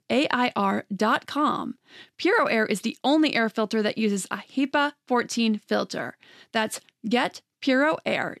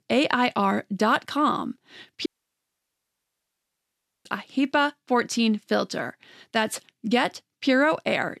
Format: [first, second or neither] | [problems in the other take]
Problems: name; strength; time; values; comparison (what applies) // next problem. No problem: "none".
first | audio cutting out; at 2.5 s for 2 s